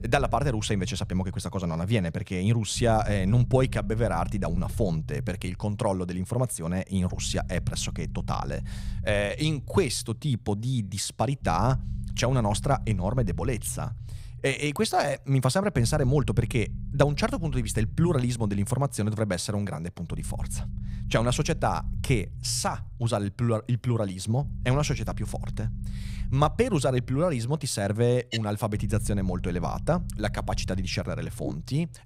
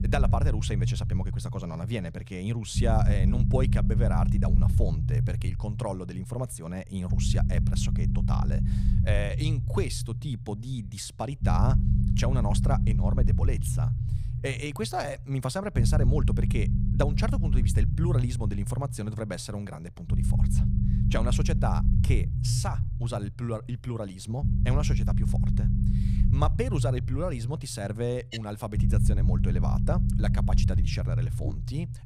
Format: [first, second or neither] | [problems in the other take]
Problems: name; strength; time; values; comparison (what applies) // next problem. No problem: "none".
first | low rumble; loud; throughout; 5 dB below the speech; faint in the first